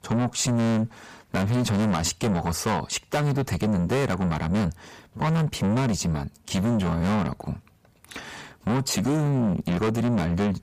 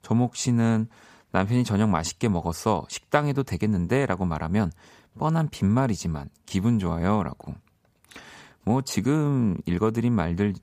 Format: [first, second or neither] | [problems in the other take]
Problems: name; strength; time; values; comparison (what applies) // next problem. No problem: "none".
second | distortion; heavy; 6 dB below the speech